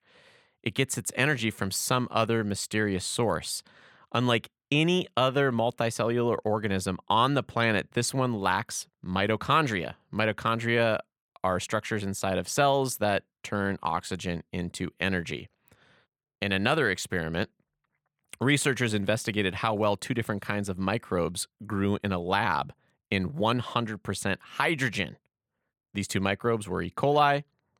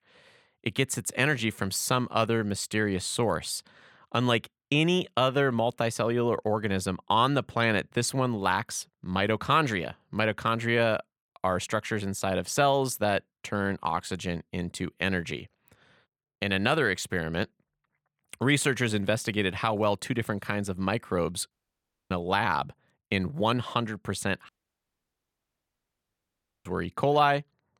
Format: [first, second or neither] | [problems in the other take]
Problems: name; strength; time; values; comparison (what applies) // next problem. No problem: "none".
first | audio cutting out; at 22 s for 0.5 s and at 24 s for 2 s